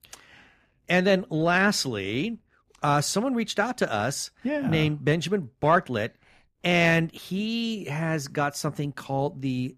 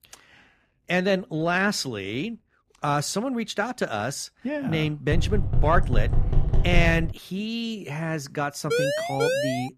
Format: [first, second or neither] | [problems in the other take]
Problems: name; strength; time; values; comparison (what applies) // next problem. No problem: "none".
first | door banging; loud; from 5 to 7 s; peak 2 dB above the speech // siren; loud; at 8.5 s; peak 2 dB above the speech